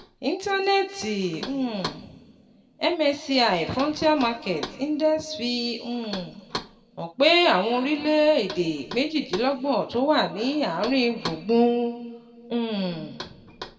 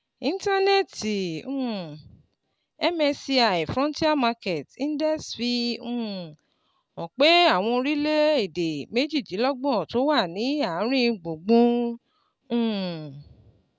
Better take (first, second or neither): second